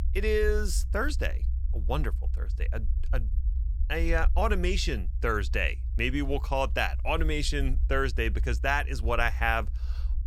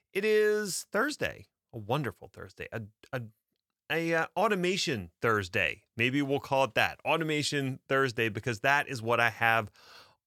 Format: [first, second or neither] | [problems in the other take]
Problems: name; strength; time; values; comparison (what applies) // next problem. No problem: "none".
second | low rumble; faint; throughout; 25 dB below the speech